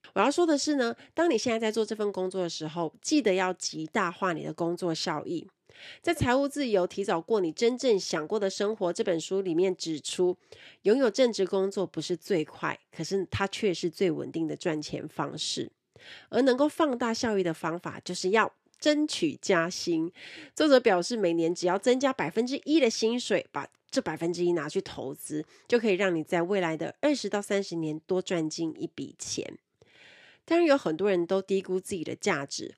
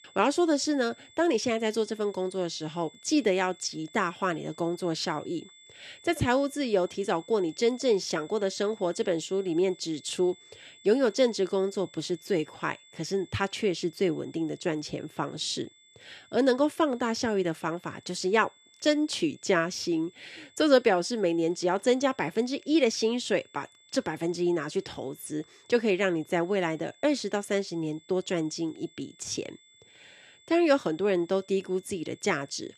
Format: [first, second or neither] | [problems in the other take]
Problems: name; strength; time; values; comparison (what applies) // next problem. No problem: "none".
first | high-pitched whine; faint; throughout; 3.5 kHz, 25 dB below the speech